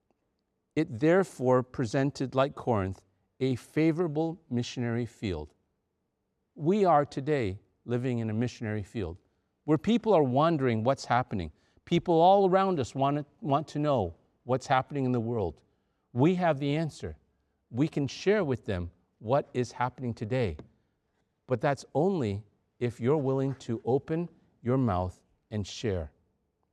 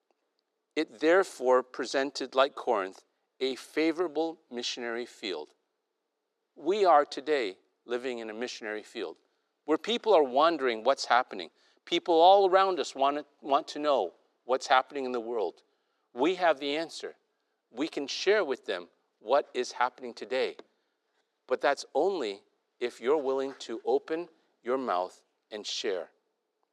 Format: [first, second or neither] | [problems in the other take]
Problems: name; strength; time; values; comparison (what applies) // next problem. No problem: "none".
first | thin; somewhat; fading below 350 Hz